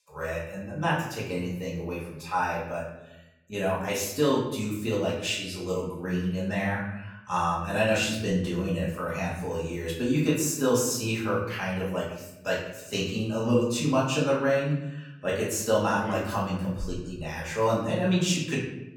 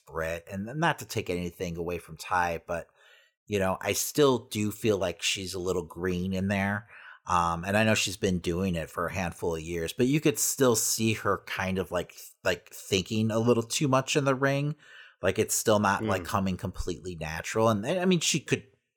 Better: second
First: off-mic speech; far // room echo; noticeable; dies away in 0.8 s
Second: none

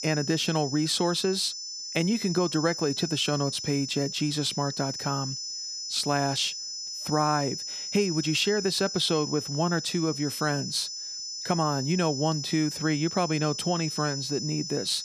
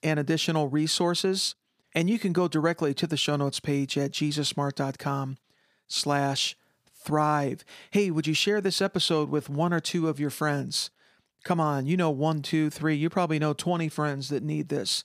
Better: second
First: high-pitched whine; loud; throughout; 5 kHz, 5 dB below the speech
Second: none

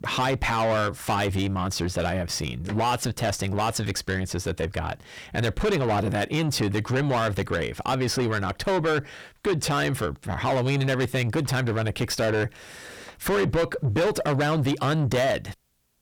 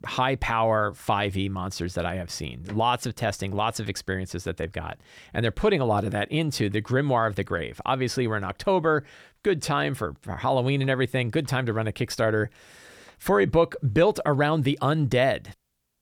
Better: second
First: distortion; heavy; 7 dB below the speech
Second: none

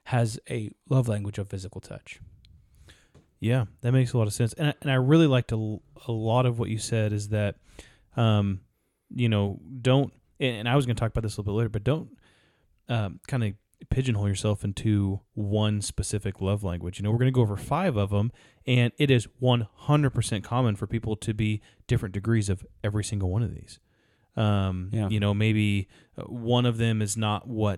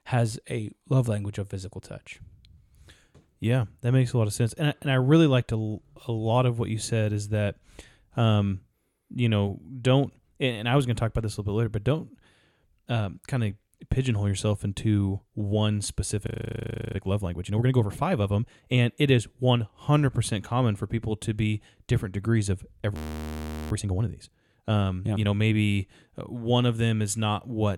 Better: first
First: none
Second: audio freezing; at 16 s for 0.5 s and at 23 s for 1 s

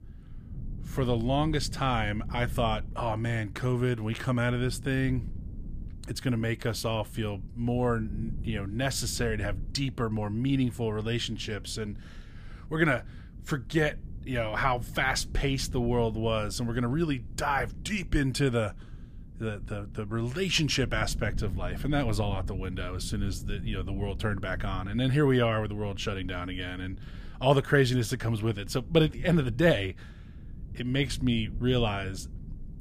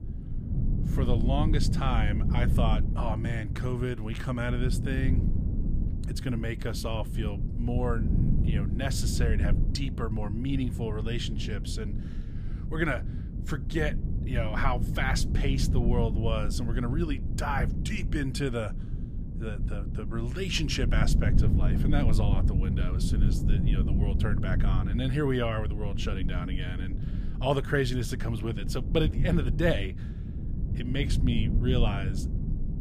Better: first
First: low rumble; faint; throughout; 25 dB below the speech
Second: low rumble; loud; throughout; 8 dB below the speech

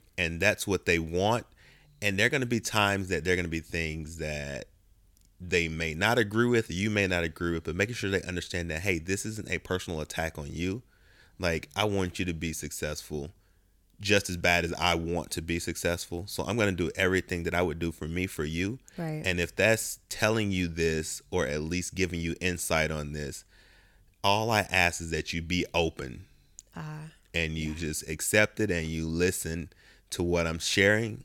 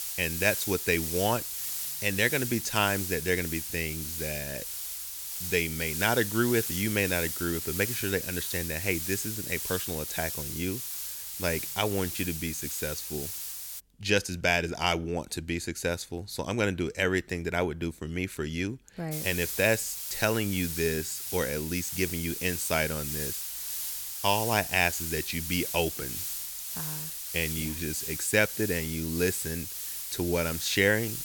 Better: first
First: none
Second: hiss; loud; until 14 s and from 19 s on; 3 dB below the speech

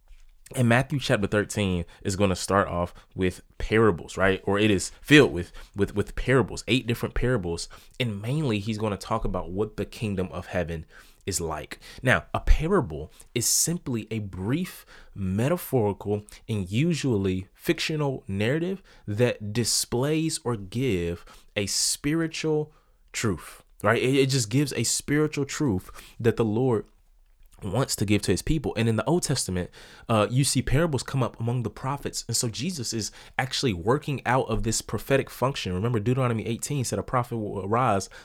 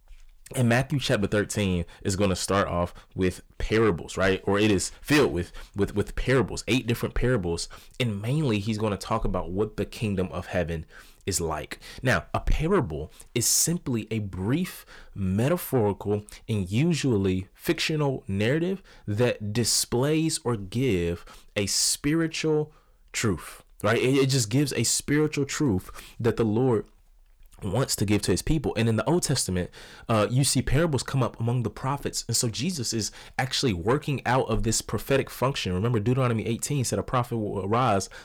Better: first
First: none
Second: distortion; slight; 10 dB below the speech

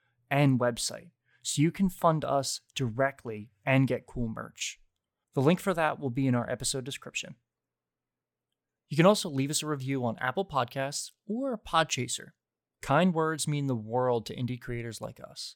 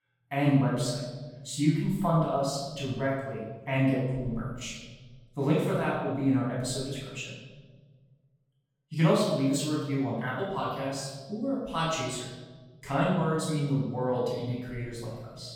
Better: first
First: none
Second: off-mic speech; far // room echo; noticeable; dies away in 1.2 s

